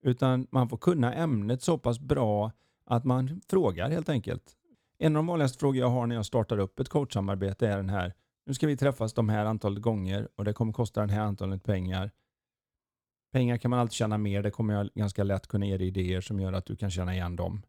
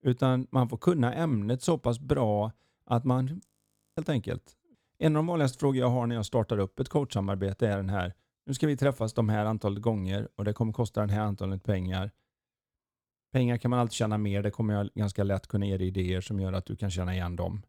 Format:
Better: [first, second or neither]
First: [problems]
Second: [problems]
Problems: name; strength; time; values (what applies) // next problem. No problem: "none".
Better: first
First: none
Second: audio freezing; at 3.5 s for 0.5 s